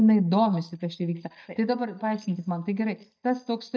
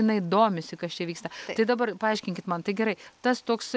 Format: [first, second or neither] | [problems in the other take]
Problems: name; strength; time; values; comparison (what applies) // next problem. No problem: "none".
second | noise reduction (neural mask model DeepFilterNet 3)